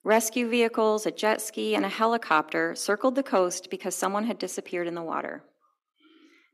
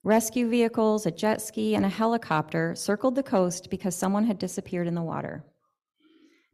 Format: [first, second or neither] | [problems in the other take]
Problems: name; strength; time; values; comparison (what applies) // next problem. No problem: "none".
second | thin; very slightly; fading below 300 Hz